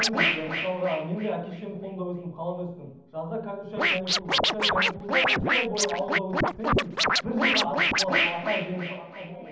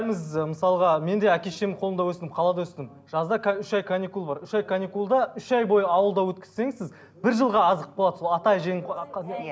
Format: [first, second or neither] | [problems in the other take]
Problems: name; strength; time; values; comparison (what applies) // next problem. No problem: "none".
second | background sound (Scratching (performance technique)); 4 dB above the speech // room echo; dies away in 0.8 s